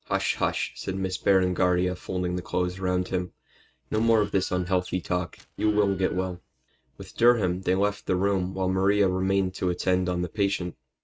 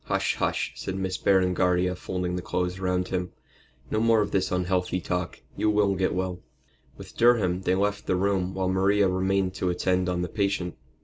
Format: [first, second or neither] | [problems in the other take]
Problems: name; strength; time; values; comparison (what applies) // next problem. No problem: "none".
second | noise reduction (neural mask model RNNoise)